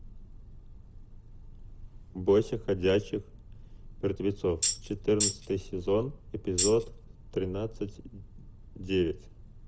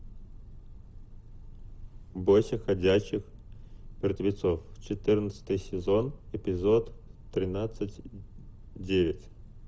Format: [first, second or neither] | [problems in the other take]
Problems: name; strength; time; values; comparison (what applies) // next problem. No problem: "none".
second | background sound (Tambourine); 1 dB above the speech